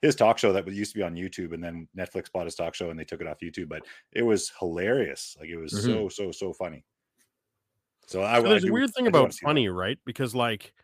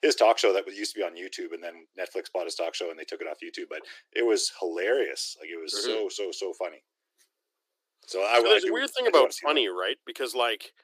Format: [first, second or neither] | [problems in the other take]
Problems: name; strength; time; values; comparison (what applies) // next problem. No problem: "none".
first | thin; very; fading below 350 Hz